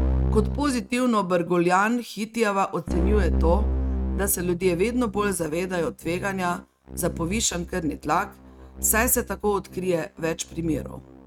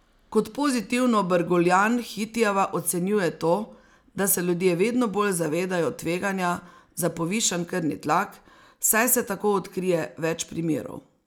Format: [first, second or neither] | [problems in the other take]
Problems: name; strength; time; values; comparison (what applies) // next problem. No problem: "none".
second | noise reduction (neural mask model RNNoise)